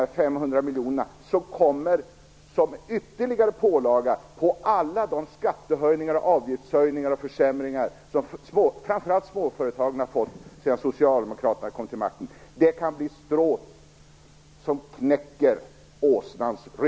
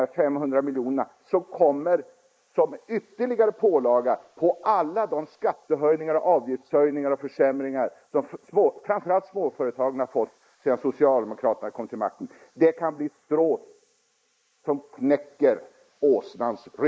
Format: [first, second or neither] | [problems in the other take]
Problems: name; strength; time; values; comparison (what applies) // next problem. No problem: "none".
first | noise reduction (neural mask model Resemble Enhance denoiser)